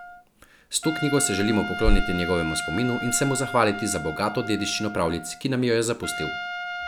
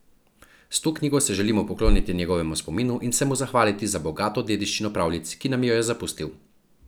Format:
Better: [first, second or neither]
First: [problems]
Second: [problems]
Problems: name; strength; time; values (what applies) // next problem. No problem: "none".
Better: second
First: background sound (Trumpet); 9 dB below the speech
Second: none